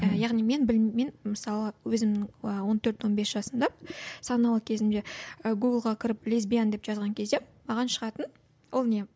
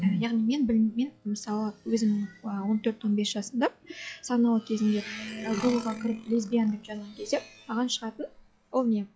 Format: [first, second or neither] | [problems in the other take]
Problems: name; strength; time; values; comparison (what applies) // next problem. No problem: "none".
first | noise reduction (classical method log-MMSE)